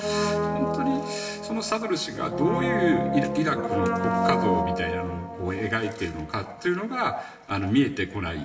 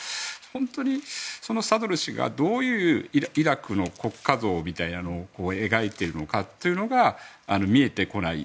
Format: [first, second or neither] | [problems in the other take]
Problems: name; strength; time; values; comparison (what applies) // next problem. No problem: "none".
second | background sound (Brass instrument); 1 dB below the speech // room echo; dies away in 1 s